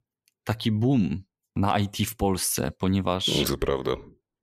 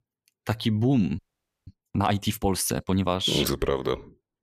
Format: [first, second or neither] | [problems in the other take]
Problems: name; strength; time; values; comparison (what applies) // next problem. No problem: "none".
first | audio freezing; at 1 s